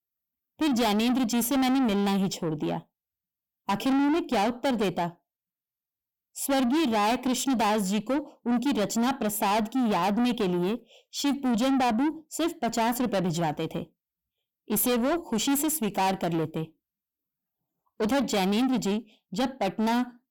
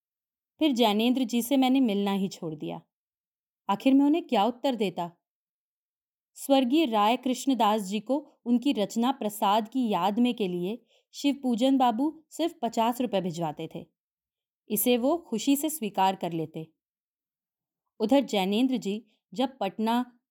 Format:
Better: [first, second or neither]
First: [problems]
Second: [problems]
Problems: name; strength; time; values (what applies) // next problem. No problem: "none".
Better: second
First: distortion; heavy; 7 dB below the speech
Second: none